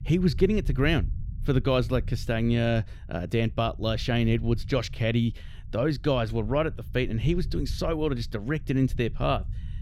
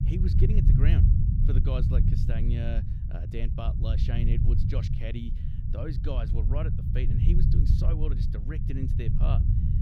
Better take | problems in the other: first | low rumble; loud; throughout; as loud as the speech; faint in the first

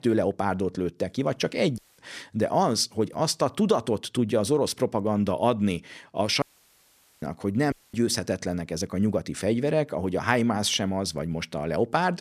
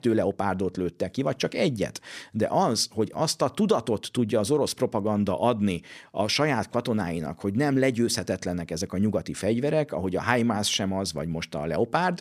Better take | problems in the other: second | audio cutting out; at 2 s, at 6.5 s for 1 s and at 7.5 s

